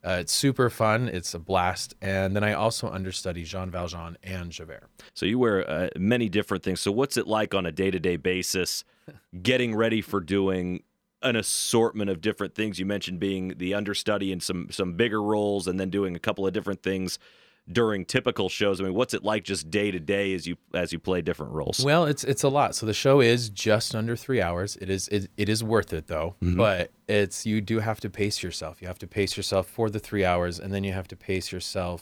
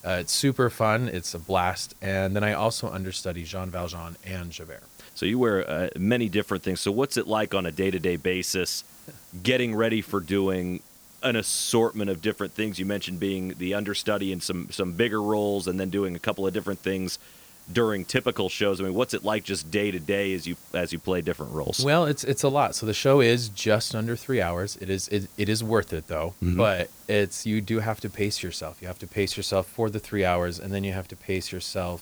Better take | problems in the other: first | hiss; faint; throughout; 20 dB below the speech

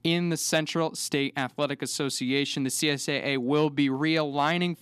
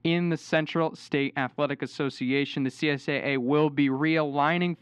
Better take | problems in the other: first | muffled; slightly; fading above 2 kHz

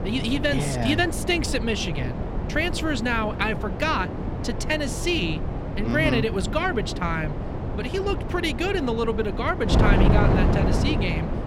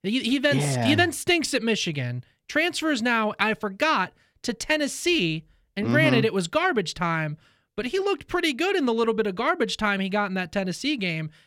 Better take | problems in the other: second | wind noise on the microphone; heavy; 6 dB below the speech

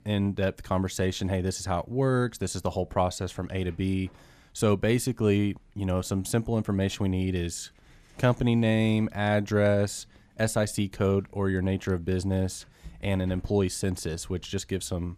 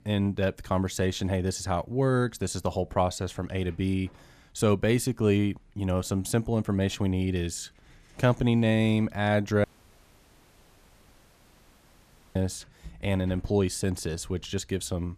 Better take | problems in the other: first | audio cutting out; at 9.5 s for 2.5 s

